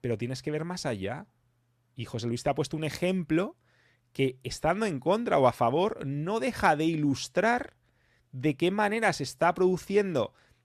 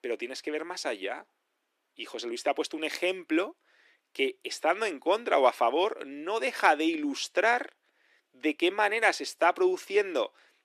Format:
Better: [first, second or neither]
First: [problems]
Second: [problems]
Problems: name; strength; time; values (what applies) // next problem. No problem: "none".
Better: first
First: none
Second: thin; somewhat; fading below 300 Hz